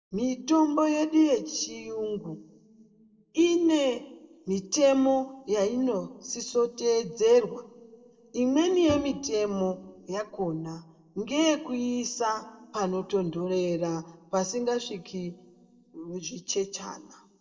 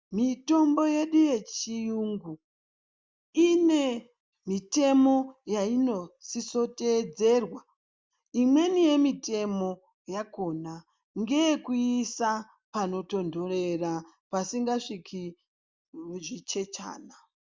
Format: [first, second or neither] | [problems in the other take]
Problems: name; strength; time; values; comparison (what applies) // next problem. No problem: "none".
second | noise reduction (neural separator model SepFormer DNS4)